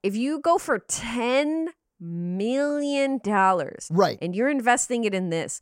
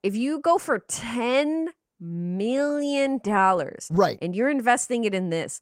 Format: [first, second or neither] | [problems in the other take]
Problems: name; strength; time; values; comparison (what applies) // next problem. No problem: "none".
first | garbled, watery; slightly; nothing above 15.5 kHz